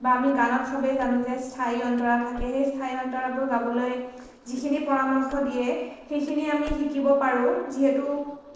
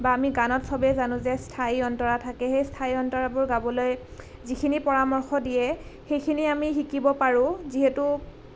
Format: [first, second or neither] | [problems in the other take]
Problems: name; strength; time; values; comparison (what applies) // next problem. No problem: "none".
second | noise reduction (neural separator model SepFormer DNS4)